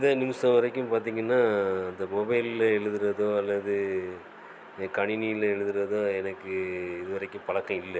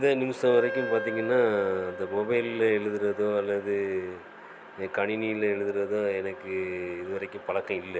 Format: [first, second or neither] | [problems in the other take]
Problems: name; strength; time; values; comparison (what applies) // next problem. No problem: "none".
first | background sound (Wind instrument, woodwind instrument); 12 dB below the speech